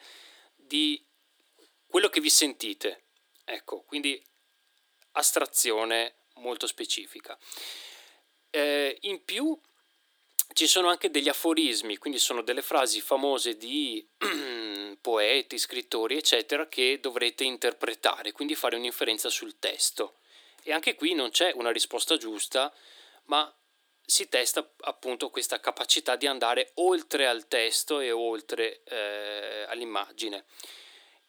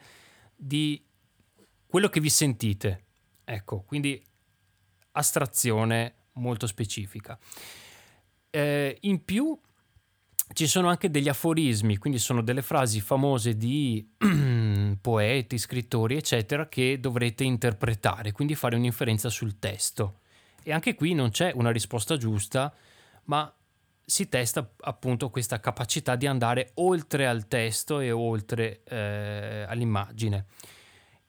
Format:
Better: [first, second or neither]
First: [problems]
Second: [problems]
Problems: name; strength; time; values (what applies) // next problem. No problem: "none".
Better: second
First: thin; very; fading below 300 Hz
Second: none